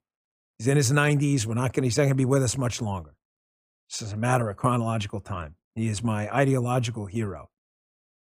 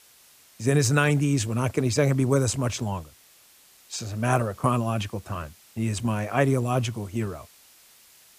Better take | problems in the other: first | hiss; faint; throughout; 25 dB below the speech

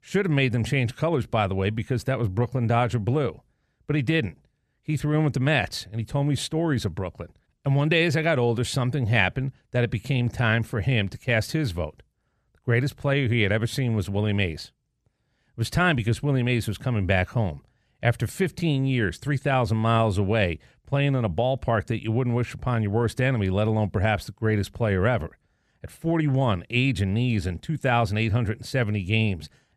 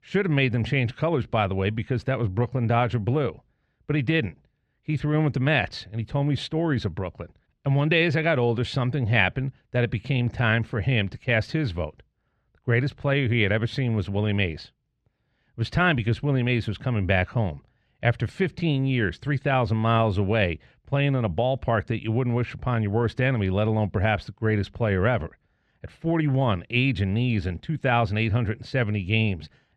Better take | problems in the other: first | muffled; very slightly; fading above 3.5 kHz

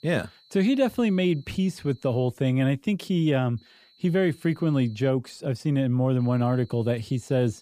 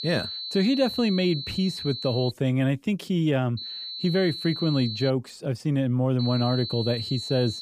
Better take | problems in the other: first | high-pitched whine; loud; until 2.5 s, from 3.5 to 5 s and from 6 s on; 4 kHz, 7 dB below the speech; faint in the first

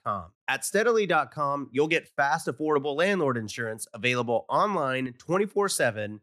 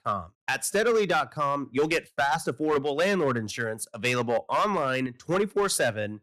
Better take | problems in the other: first | distortion; slight; 7% of the sound clipped

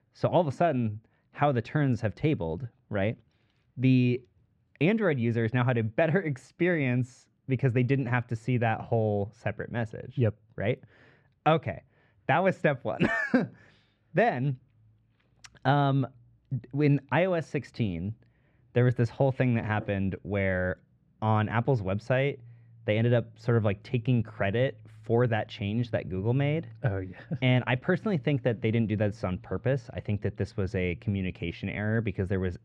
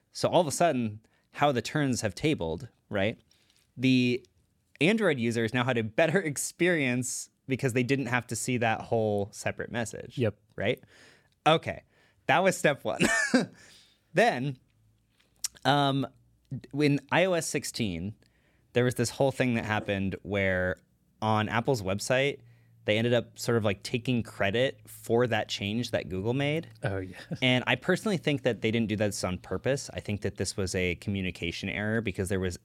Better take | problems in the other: second | muffled; very; fading above 2 kHz

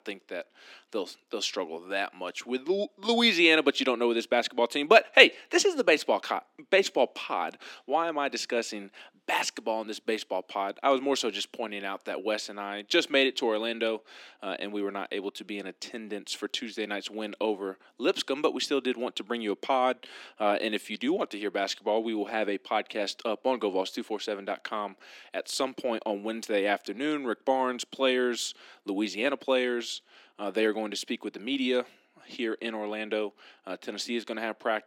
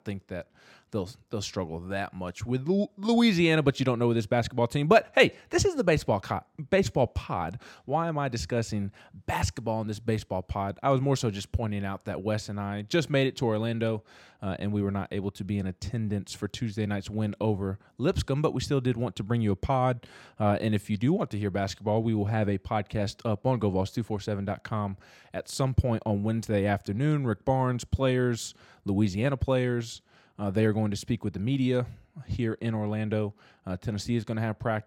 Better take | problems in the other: second | thin; somewhat; fading below 250 Hz

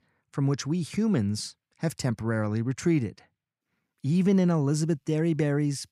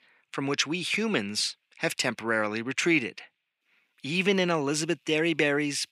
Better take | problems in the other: first | thin; somewhat; fading below 350 Hz

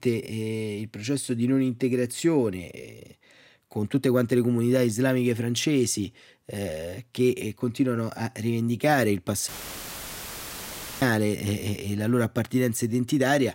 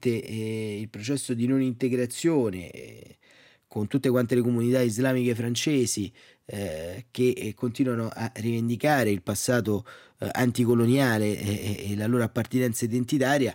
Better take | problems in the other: second | audio cutting out; filled with static; at 9.5 s for 1.5 s

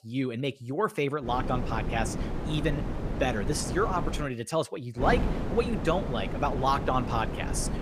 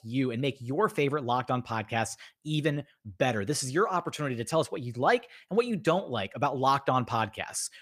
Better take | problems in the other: second | wind noise on the microphone; heavy; from 1.5 to 4 s and from 5 s on; 8 dB below the speech

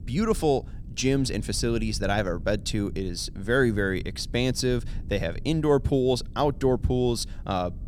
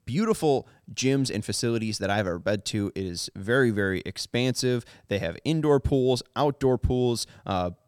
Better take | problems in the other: second | low rumble; faint; throughout; 25 dB below the speech

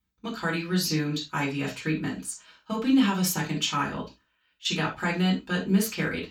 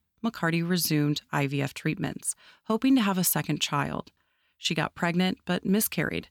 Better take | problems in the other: second | room echo; noticeable; dies away in 0.2 s // off-mic speech; far

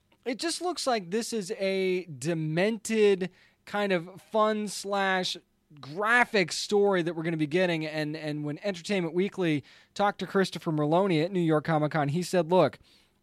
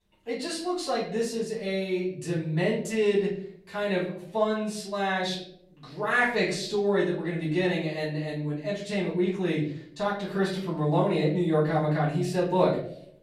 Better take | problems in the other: first | room echo; slight; dies away in 0.5 s // off-mic speech; far

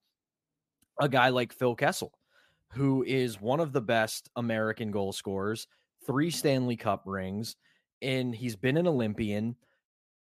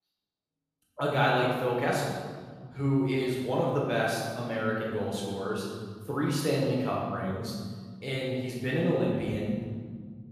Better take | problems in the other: first | off-mic speech; far // room echo; strong; dies away in 1.5 s

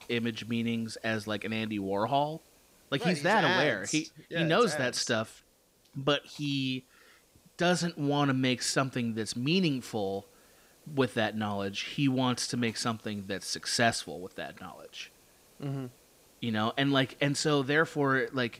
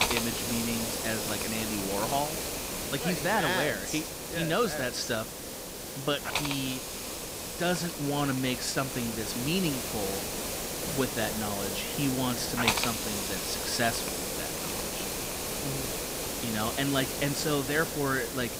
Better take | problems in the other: first | hiss; loud; throughout; 1 dB below the speech; faint in the first

